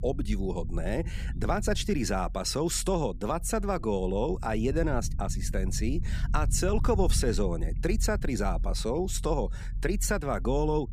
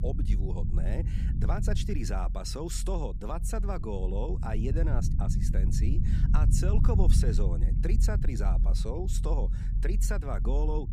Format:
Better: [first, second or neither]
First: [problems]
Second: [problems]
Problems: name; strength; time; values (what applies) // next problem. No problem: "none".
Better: first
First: low rumble; faint; throughout; 20 dB below the speech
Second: low rumble; loud; throughout; 7 dB below the speech